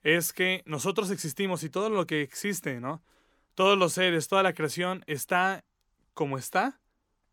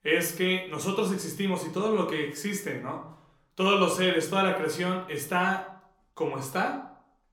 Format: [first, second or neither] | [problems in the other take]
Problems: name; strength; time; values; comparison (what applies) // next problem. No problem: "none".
first | room echo; slight; dies away in 0.5 s // off-mic speech; somewhat distant